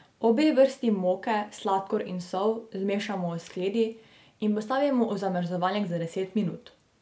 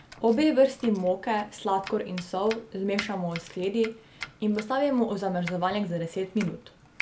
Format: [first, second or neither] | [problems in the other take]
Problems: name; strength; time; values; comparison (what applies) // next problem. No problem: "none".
first | background sound (Domestic sounds, home sounds); 16 dB below the speech